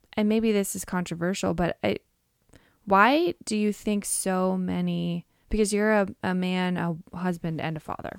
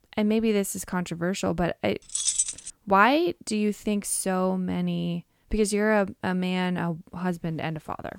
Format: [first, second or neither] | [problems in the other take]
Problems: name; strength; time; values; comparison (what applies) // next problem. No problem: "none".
first | jangling keys; loud; at 2 s; peak 3 dB above the speech